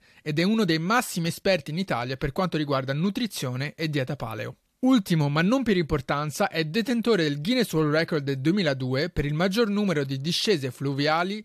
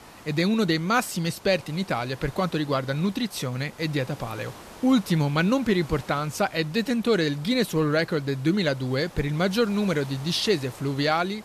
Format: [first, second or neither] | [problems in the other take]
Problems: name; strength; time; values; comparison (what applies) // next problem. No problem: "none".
first | hiss; faint; throughout; 20 dB below the speech